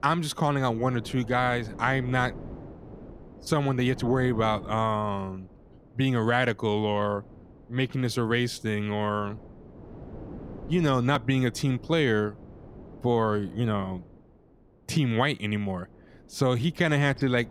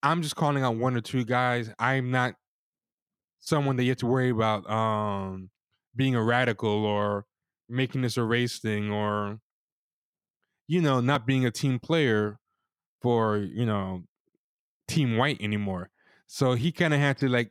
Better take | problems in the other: second | wind noise on the microphone; occasional gusts; 20 dB below the speech

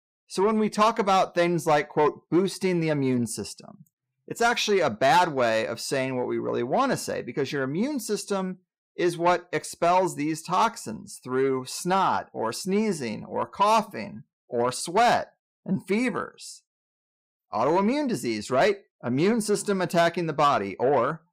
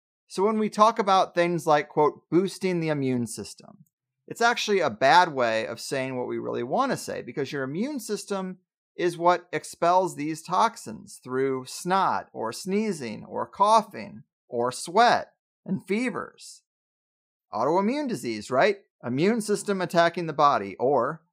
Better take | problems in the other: second | distortion; slight; 10 dB below the speech

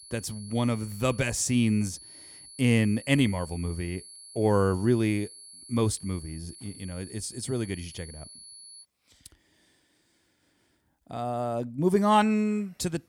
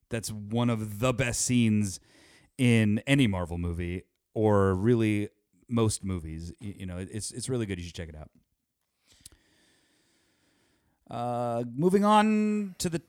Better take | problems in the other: second | high-pitched whine; noticeable; until 9 s; 10.5 kHz, 20 dB below the speech

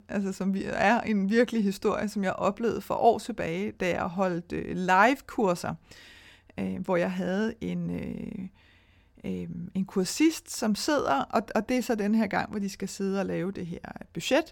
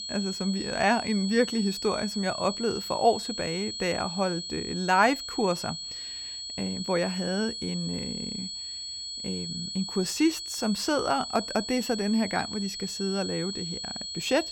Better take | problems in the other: first | high-pitched whine; loud; throughout; 4.5 kHz, 5 dB below the speech

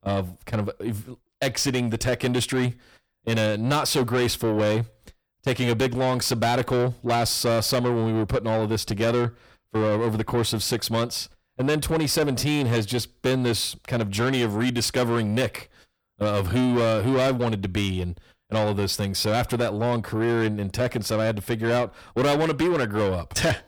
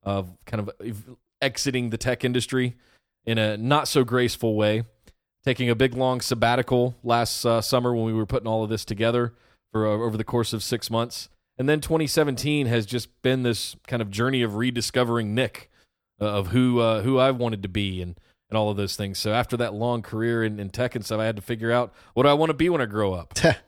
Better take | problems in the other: second | distortion; heavy; 8 dB below the speech

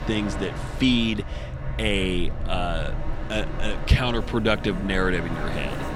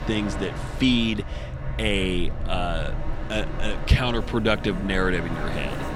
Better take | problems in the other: neither | train or aircraft noise; loud; throughout; 7 dB below the speech; the same in both

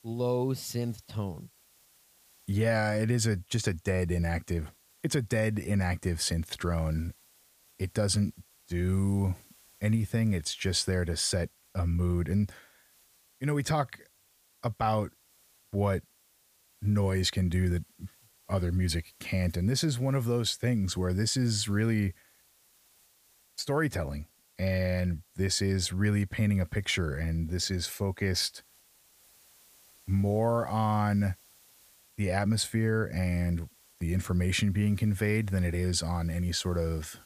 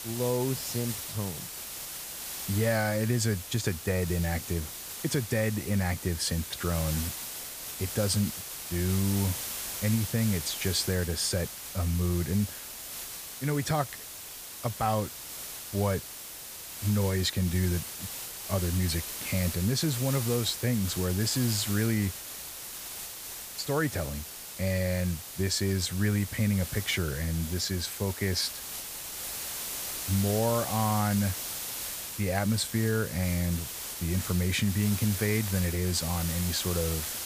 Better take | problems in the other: first | hiss; loud; throughout; 6 dB below the speech; faint in the first

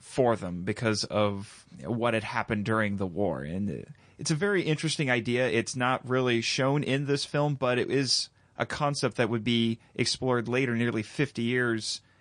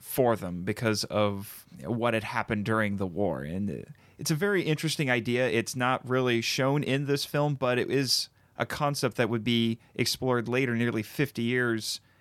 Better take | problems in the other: second | garbled, watery; slightly; nothing above 9.5 kHz

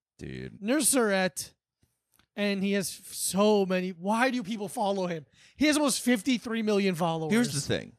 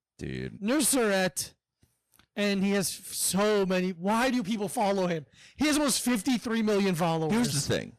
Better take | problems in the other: first | distortion; heavy; 15% of the sound clipped

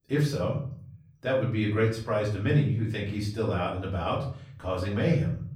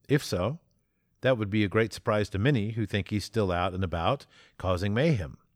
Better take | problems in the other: second | room echo; slight; dies away in 0.6 s // off-mic speech; far

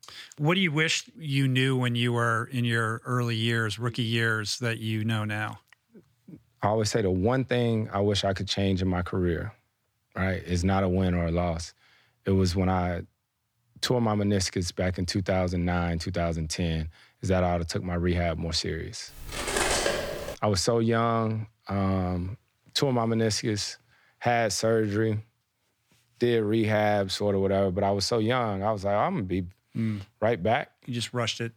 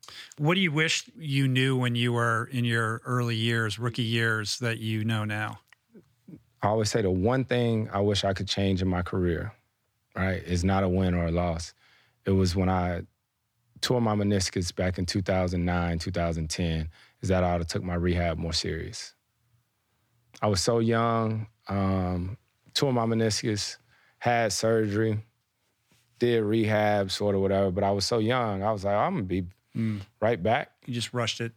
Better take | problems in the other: second | clattering dishes; loud; from 19 to 20 s; peak 3 dB above the speech

